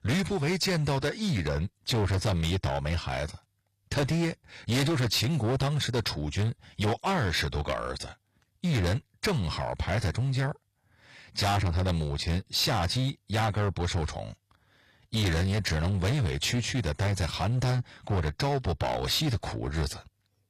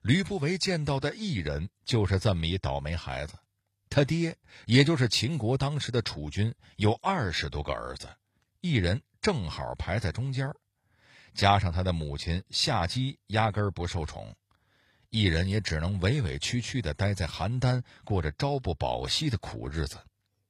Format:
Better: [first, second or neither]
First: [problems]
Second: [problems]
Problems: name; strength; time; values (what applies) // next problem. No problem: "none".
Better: second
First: distortion; heavy; 17% of the sound clipped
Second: none